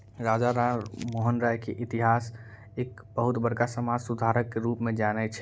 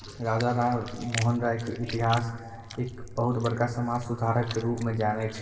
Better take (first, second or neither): first